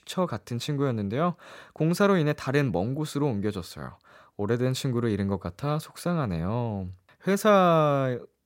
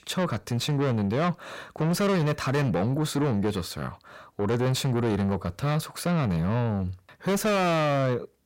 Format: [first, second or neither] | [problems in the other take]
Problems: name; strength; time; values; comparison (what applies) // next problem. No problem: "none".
first | distortion; heavy; 6 dB below the speech